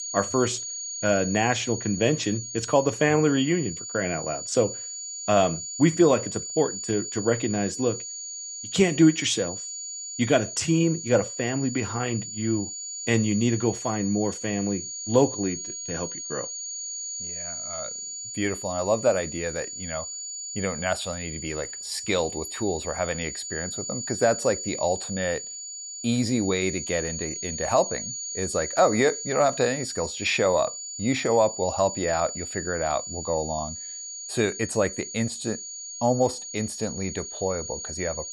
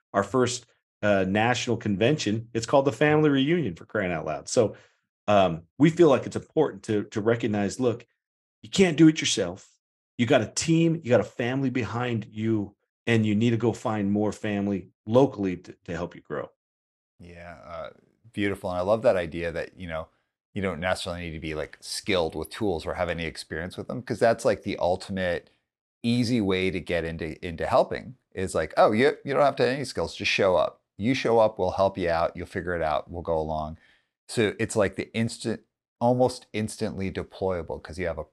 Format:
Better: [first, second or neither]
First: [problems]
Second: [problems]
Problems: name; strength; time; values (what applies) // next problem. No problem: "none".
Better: second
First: high-pitched whine; loud; throughout; 6.5 kHz, 7 dB below the speech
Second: none